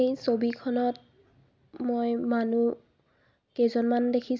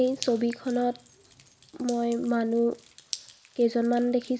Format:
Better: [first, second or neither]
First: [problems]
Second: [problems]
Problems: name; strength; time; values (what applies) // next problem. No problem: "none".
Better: first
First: none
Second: background sound (Drip); 19 dB below the speech